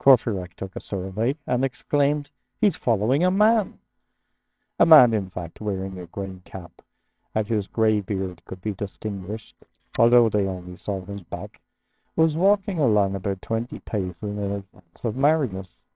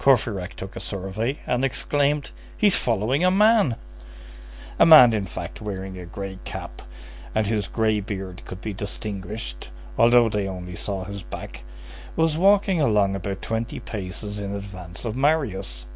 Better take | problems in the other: second | noise reduction (neural separator model SepFormer WHAMR!)

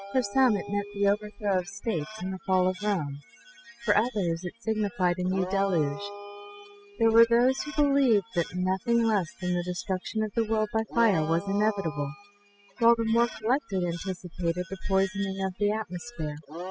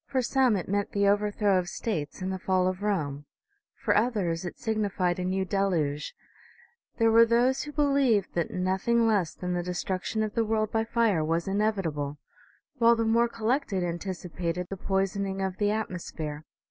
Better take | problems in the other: second | noise reduction (classical method spectral subtraction)

